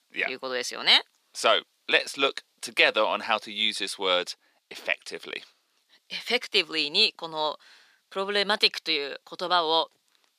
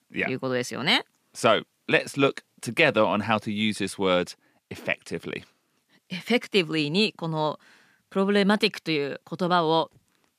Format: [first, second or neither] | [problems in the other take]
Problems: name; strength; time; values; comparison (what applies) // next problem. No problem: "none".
second | thin; somewhat; fading below 500 Hz